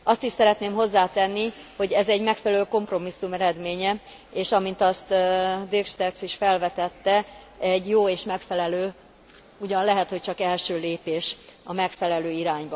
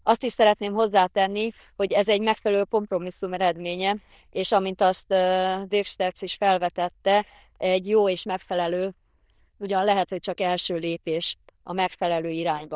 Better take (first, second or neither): first